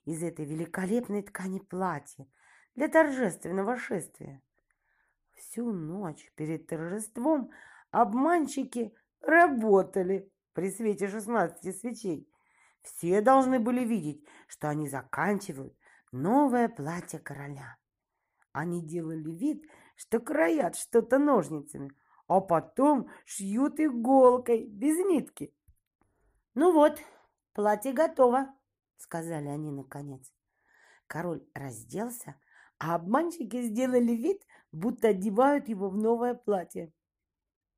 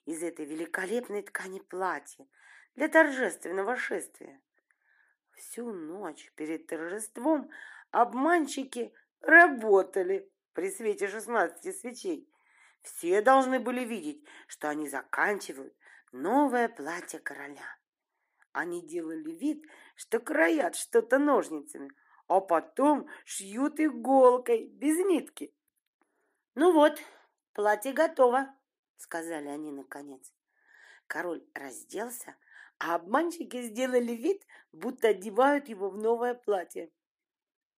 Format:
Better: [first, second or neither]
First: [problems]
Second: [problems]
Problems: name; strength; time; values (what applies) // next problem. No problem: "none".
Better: first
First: none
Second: thin; very slightly; fading below 300 Hz